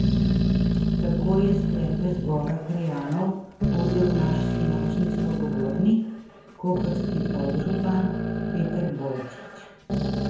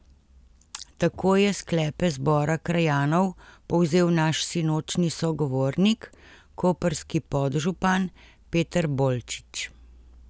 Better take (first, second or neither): second